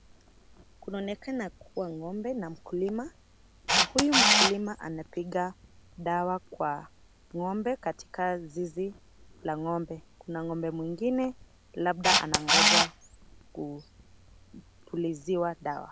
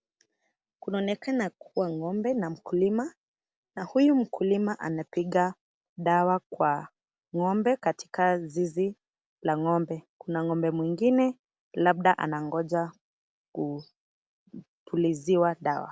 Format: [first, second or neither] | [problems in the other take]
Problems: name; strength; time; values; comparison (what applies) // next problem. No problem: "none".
second | background sound (Camera); 1 dB above the speech